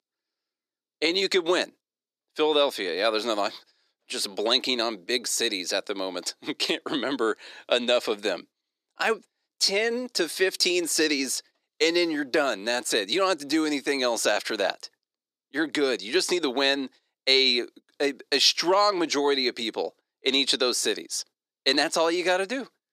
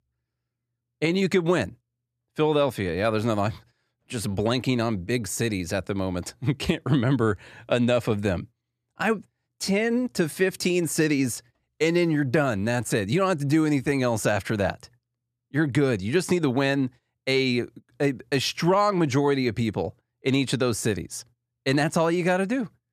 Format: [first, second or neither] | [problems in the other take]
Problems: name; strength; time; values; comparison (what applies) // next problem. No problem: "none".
second | thin; somewhat; fading below 300 Hz